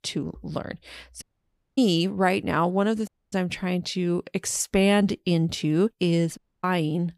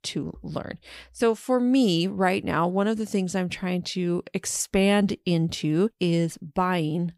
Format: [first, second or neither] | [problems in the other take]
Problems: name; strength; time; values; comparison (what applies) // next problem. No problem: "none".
second | audio cutting out; at 1 s for 0.5 s, at 3 s and at 6.5 s